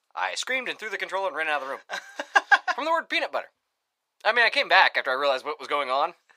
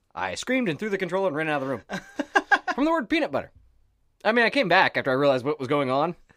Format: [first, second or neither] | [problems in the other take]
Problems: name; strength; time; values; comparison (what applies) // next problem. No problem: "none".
second | thin; very; fading below 850 Hz